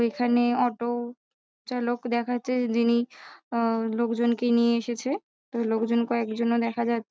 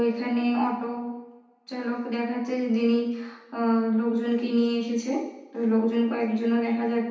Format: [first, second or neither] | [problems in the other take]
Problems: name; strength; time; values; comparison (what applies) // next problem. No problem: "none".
first | room echo; dies away in 0.9 s